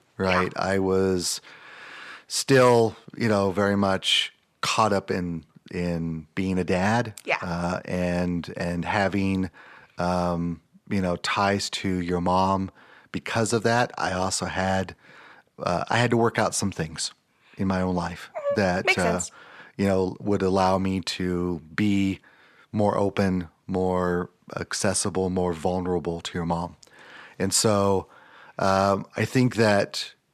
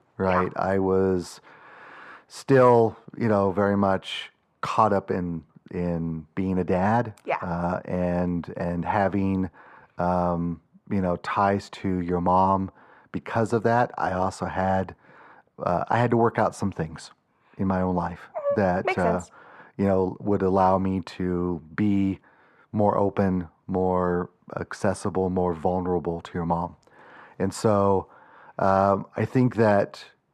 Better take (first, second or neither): first